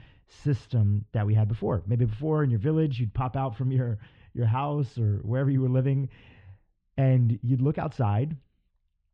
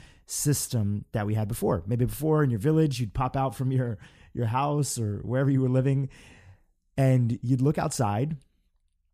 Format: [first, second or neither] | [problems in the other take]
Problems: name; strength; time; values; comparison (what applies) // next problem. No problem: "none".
second | muffled; very; fading above 3 kHz